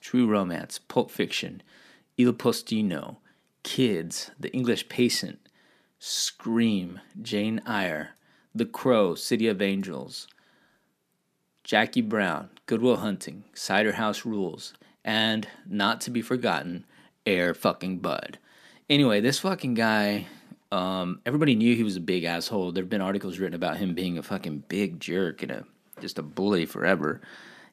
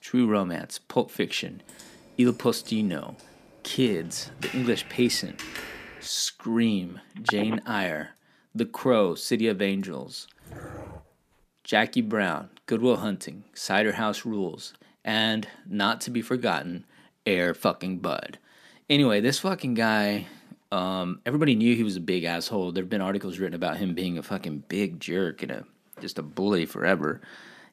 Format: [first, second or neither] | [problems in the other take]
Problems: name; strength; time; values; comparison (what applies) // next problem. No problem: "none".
first | keyboard typing; noticeable; from 1.5 to 6 s; peak 9 dB below the speech // phone ringing; noticeable; at 7.5 s; peak 2 dB below the speech // dog barking; faint; at 10 s; peak 15 dB below the speech